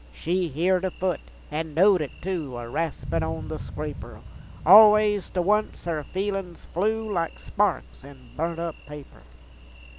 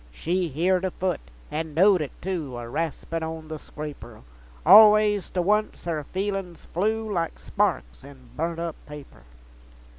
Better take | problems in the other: second | background sound (Thunder); 15 dB below the speech

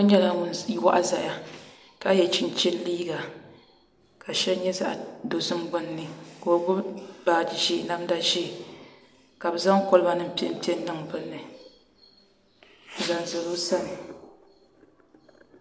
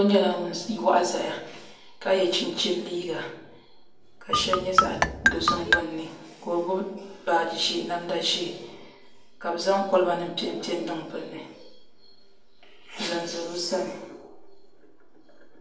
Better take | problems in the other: first | background sound (Marimba, xylophone); 4 dB above the speech // room echo; dies away in 0.4 s

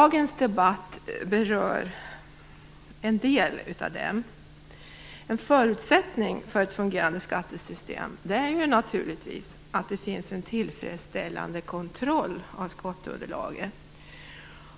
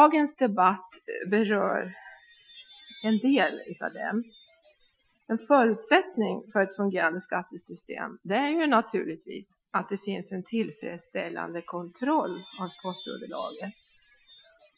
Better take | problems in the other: first | noise reduction (classical method Wiener filter)

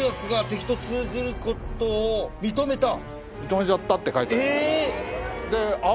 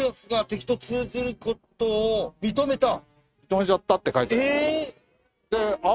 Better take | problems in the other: first | noise reduction (neural mask model RNNoise)

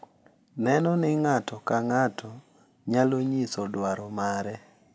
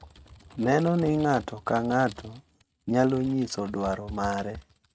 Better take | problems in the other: first | noise reduction (neural mask model RNNoise)

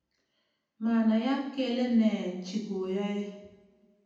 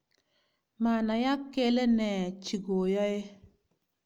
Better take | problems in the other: second | room echo; dies away in 0.9 s

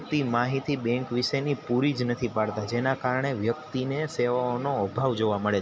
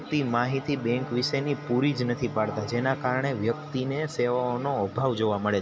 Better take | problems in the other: first | background sound (Bowed string instrument); 14 dB below the speech

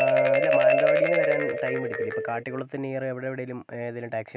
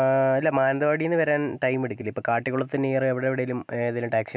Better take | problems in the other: second | background sound (Marimba, xylophone); 5 dB above the speech

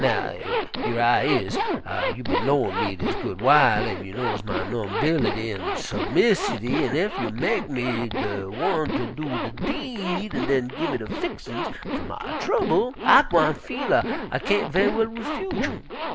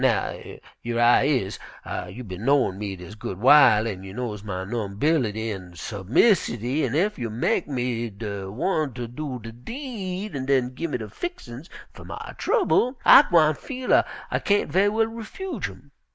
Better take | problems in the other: second | background sound (Zipper (clothing)); 4 dB below the speech

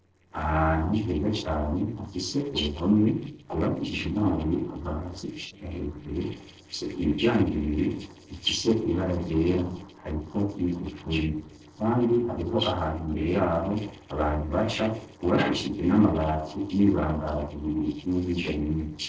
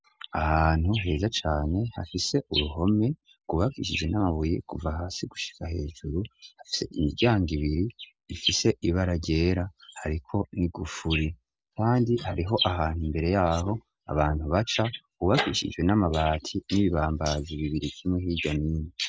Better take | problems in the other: second | noise reduction (neural separator model SepFormer DNS4)

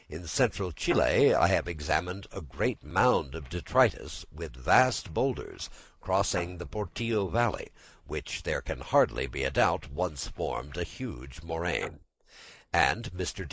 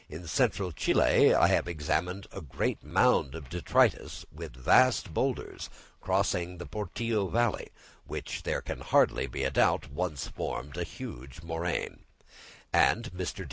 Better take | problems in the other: second | noise reduction (neural mask model Resemble Enhance denoiser)

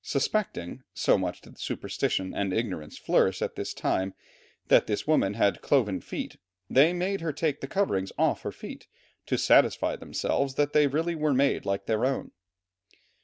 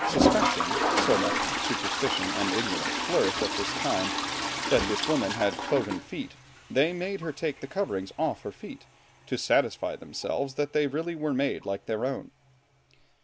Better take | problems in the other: first | background sound (Toilet flush); 1 dB below the speech

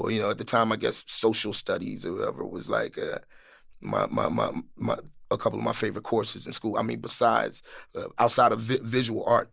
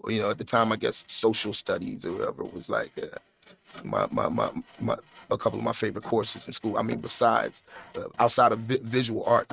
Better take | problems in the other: first | noise reduction (neural mask model RNNoise)

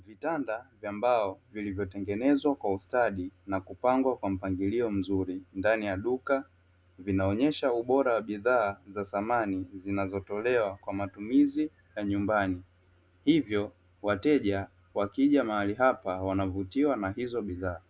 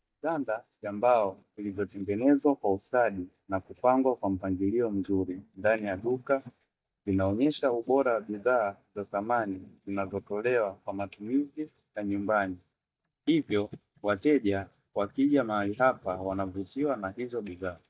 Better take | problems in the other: first | noise reduction (neural mask model DeepFilterNet 3)

